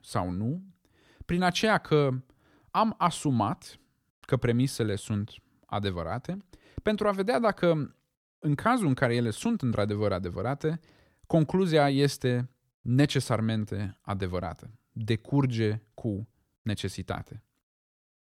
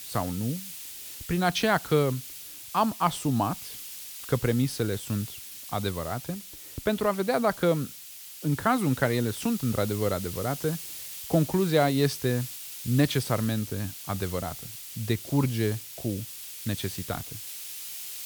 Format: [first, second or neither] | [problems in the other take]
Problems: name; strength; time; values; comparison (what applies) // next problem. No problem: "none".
first | hiss; loud; throughout; 10 dB below the speech